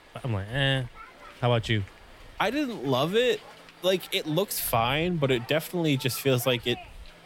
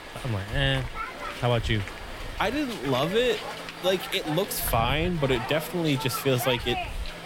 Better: first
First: hiss; faint; throughout; 20 dB below the speech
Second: hiss; loud; throughout; 8 dB below the speech

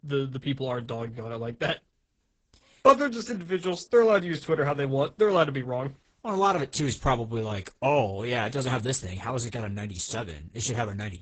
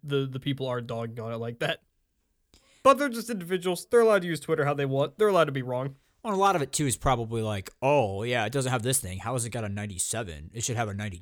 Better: second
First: garbled, watery; badly; nothing above 8 kHz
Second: none

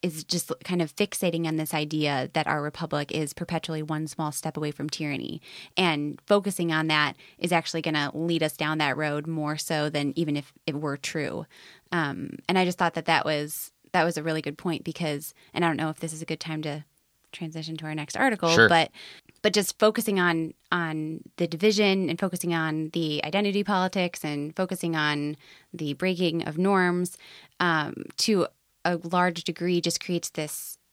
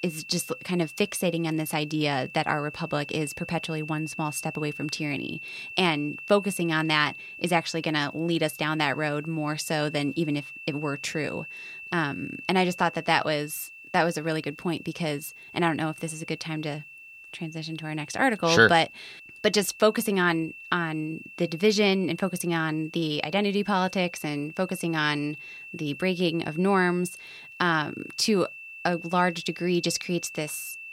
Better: first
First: none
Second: high-pitched whine; noticeable; throughout; 2.5 kHz, 15 dB below the speech

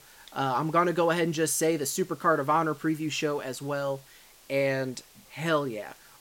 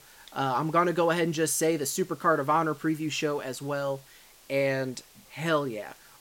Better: neither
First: hiss; faint; throughout; 25 dB below the speech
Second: hiss; faint; throughout; 25 dB below the speech

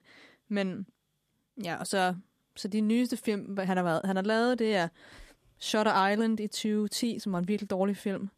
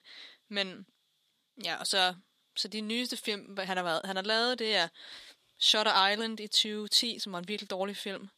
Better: first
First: none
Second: thin; somewhat; fading below 700 Hz

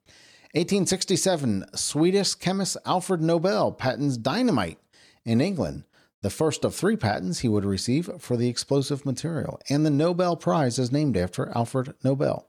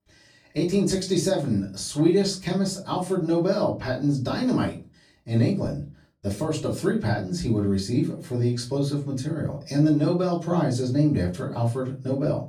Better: first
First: none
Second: off-mic speech; far // room echo; very slight; dies away in 0.3 s

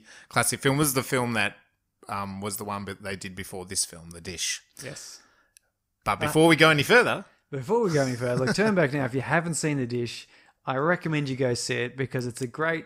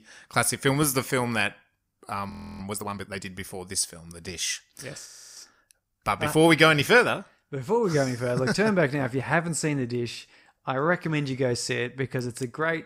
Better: first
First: none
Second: audio freezing; at 2.5 s and at 5 s

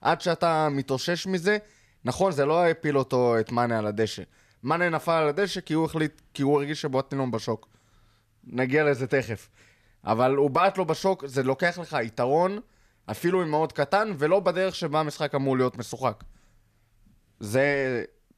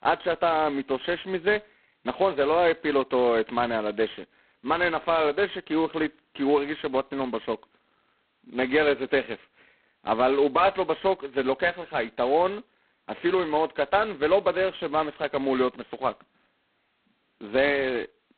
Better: first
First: none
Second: phone-call audio; poor line; nothing above 4 kHz

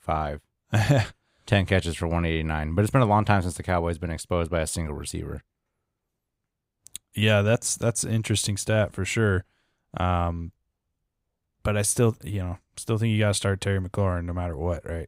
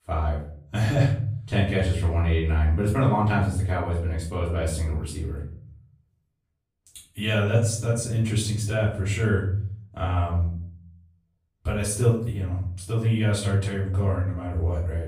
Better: first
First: none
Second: off-mic speech; far // room echo; noticeable; dies away in 0.7 s

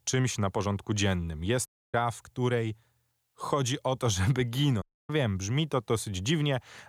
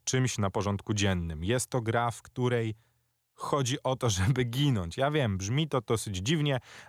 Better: second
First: audio cutting out; at 1.5 s and at 5 s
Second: none

